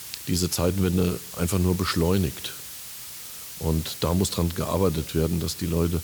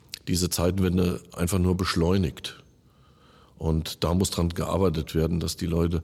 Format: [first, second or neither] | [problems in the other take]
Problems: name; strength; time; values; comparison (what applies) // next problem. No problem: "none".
second | hiss; noticeable; throughout; 10 dB below the speech